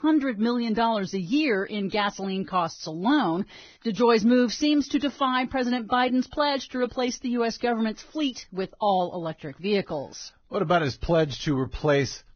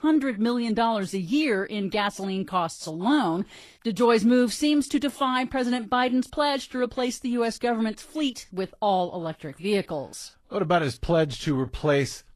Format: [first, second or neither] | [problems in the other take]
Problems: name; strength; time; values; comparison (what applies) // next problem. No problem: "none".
second | garbled, watery; badly; nothing above 6.5 kHz; slightly in the second